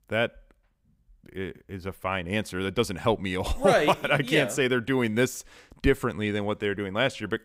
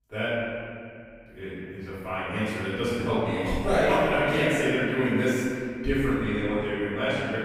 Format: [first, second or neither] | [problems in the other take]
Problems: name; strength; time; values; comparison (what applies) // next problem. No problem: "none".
first | off-mic speech; far // room echo; strong; dies away in 2.3 s